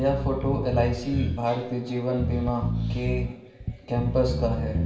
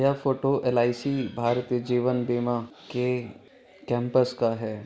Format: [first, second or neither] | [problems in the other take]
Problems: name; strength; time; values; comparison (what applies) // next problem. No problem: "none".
second | background sound (Bass guitar); 2 dB below the speech // room echo; dies away in 0.9 s